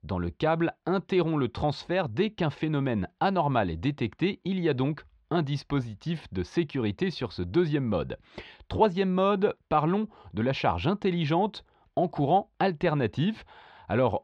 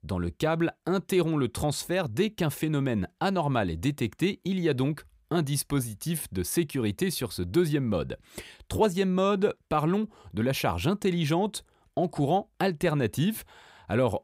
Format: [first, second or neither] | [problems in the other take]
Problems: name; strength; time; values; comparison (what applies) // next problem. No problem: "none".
second | muffled; slightly; fading above 4.5 kHz